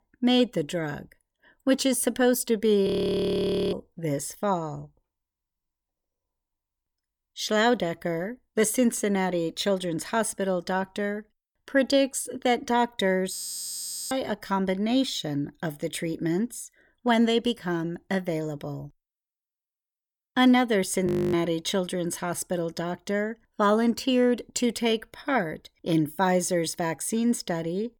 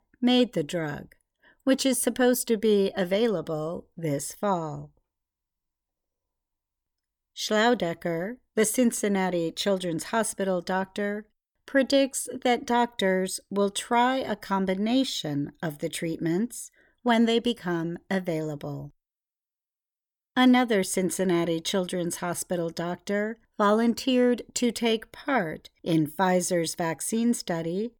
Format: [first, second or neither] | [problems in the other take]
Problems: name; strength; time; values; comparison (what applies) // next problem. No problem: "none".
second | audio freezing; at 3 s for 1 s, at 13 s for 1 s and at 21 s